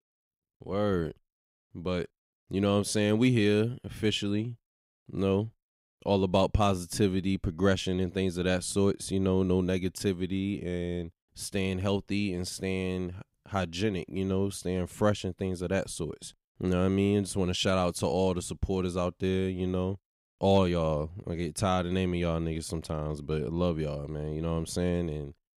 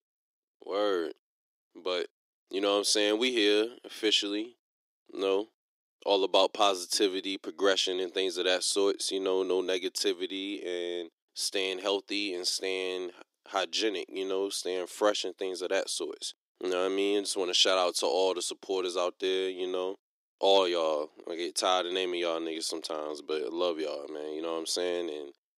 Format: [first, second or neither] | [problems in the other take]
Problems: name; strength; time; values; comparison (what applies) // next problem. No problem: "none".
first | thin; very; fading below 300 Hz